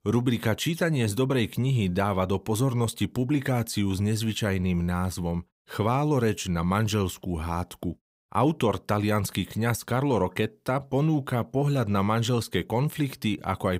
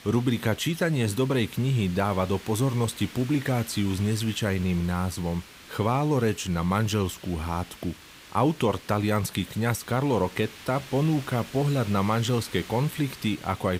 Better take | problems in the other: first | hiss; noticeable; throughout; 15 dB below the speech

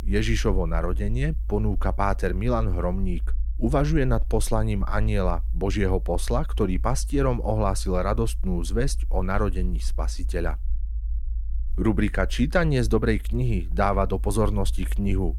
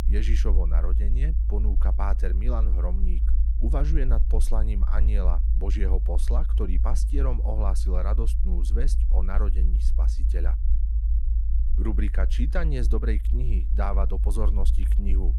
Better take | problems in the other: first | low rumble; loud; throughout; 9 dB below the speech; faint in the first

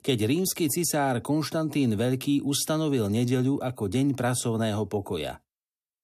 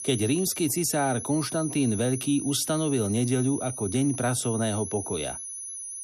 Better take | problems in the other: first | high-pitched whine; loud; throughout; 10.5 kHz, 8 dB below the speech

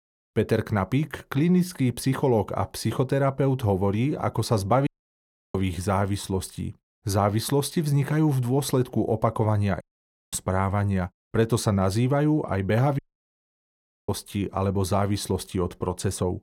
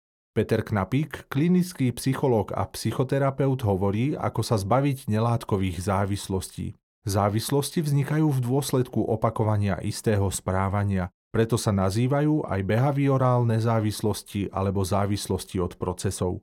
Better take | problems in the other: second | audio cutting out; at 5 s for 0.5 s, at 10 s for 0.5 s and at 13 s for 1 s

